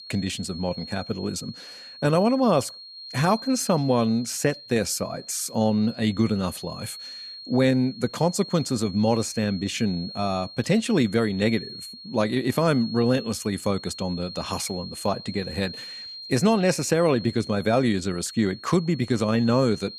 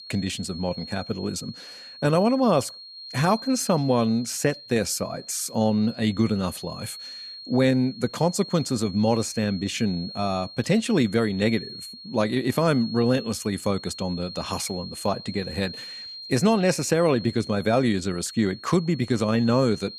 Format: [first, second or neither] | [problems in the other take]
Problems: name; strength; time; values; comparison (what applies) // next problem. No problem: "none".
neither | high-pitched whine; noticeable; throughout; 4.5 kHz, 15 dB below the speech; the same in both